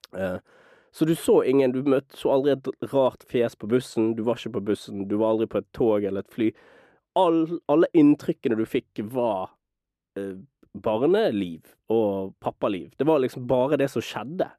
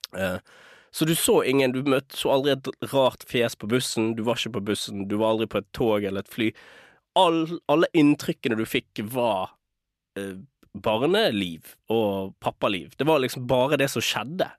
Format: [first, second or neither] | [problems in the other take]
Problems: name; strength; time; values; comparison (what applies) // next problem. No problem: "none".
second | muffled; slightly; fading above 2 kHz